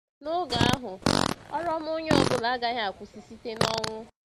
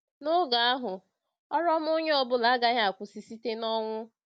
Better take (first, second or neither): second